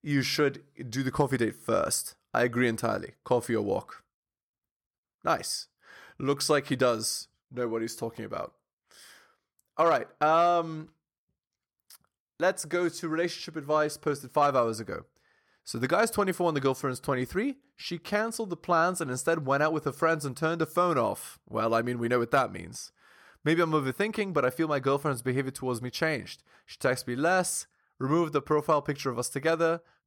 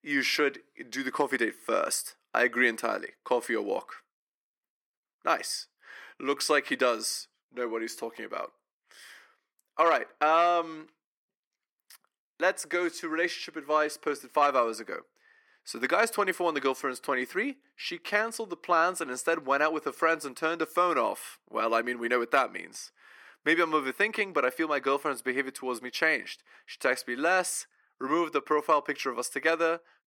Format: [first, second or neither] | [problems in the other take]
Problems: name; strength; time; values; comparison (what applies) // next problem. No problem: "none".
first | thin; very slightly; fading below 250 Hz